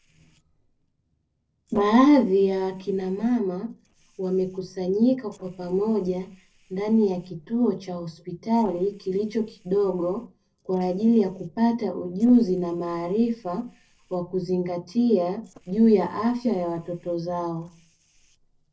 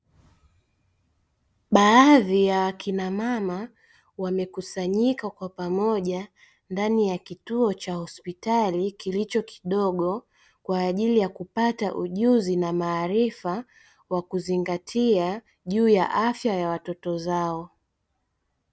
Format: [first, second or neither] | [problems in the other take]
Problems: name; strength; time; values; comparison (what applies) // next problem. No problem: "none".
second | noise reduction (neural separator model SepFormer DNS4)